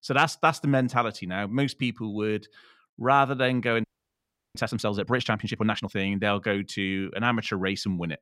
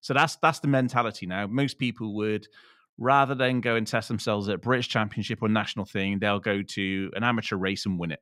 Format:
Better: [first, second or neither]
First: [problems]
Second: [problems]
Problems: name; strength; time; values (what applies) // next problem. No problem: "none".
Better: second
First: audio freezing; at 4 s for 0.5 s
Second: none